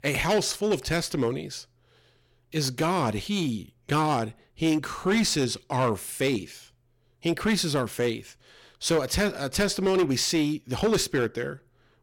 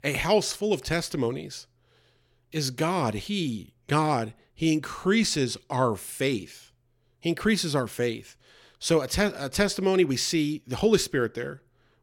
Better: second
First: distortion; slight; 7% of the sound clipped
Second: none

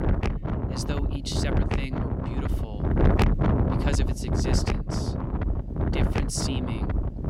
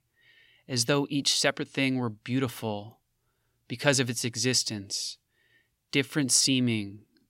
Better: second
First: wind noise on the microphone; heavy; 4 dB above the speech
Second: none

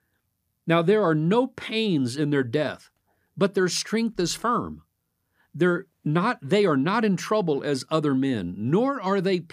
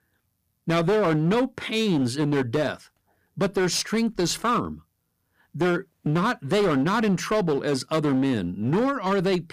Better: first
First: none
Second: distortion; slight; 15% of the sound clipped

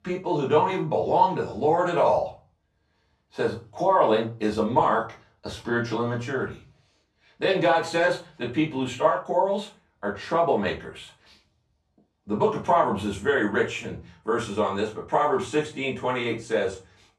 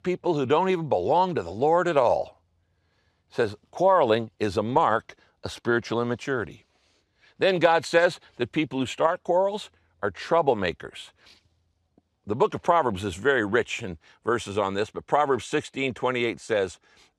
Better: second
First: off-mic speech; far // room echo; slight; dies away in 0.3 s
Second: none

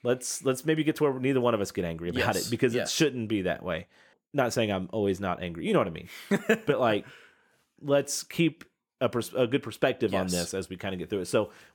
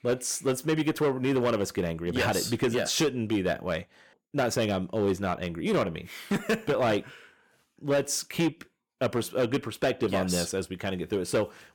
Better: first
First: none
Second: distortion; slight; 7% of the sound clipped

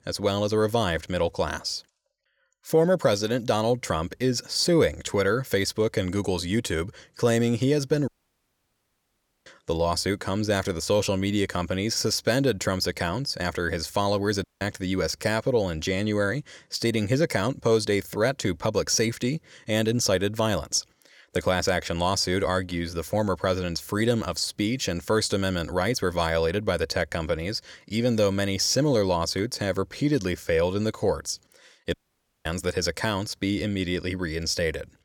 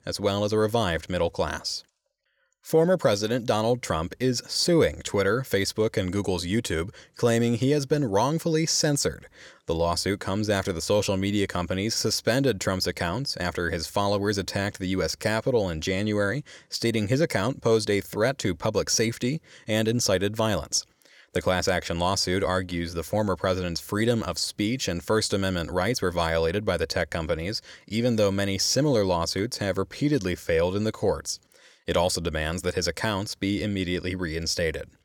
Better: second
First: audio cutting out; at 8 s for 1.5 s, at 14 s and at 32 s for 0.5 s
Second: none

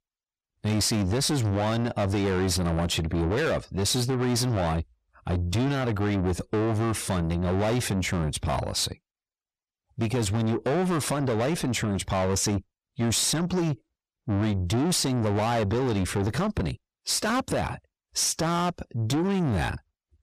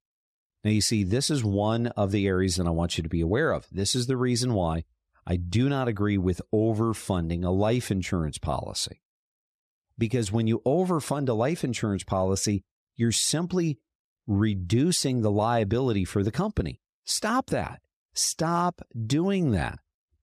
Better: second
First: distortion; heavy; 7 dB below the speech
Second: none

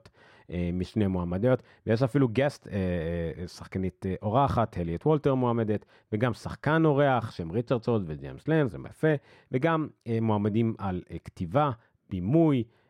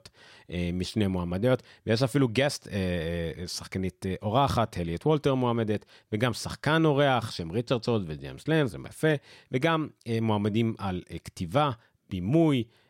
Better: second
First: muffled; slightly; fading above 2.5 kHz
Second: none

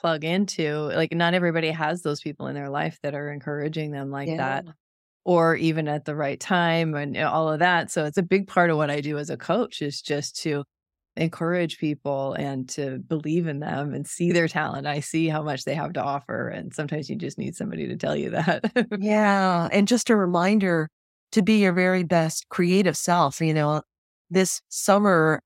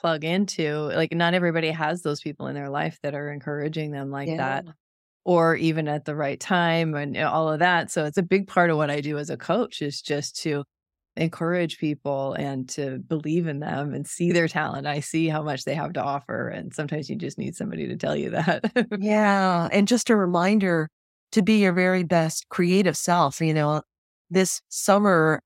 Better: neither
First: none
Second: none

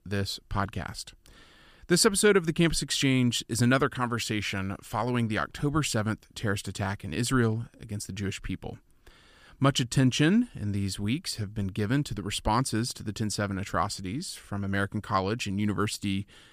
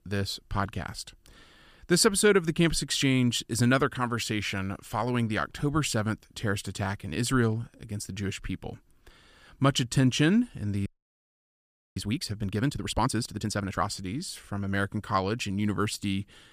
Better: first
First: none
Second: audio freezing; at 11 s for 1 s

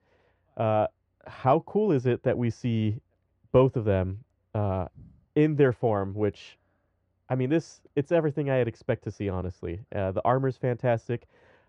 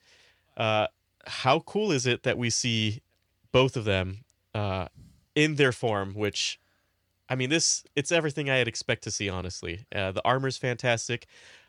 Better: second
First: muffled; very; fading above 2 kHz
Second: none

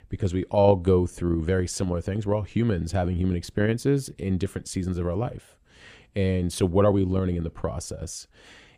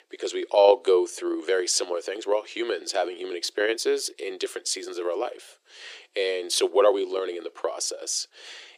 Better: first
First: none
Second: thin; very; fading below 350 Hz

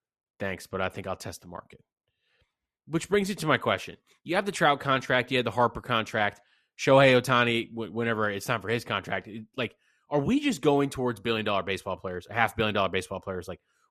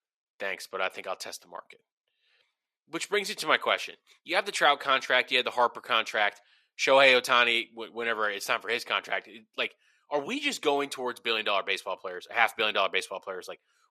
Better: first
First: none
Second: thin; somewhat; fading below 500 Hz

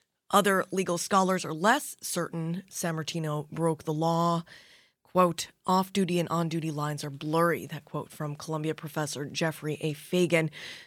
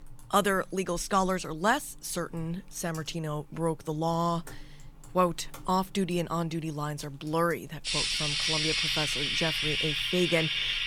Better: first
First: none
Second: household noises; very loud; throughout; 3 dB above the speech

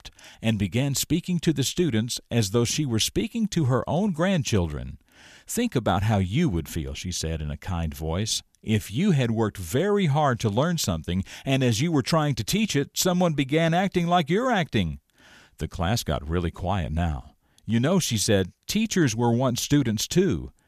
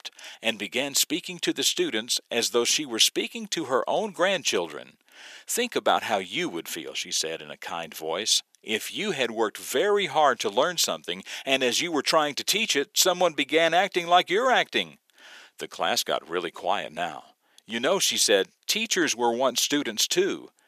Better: first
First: none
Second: thin; very; fading below 400 Hz

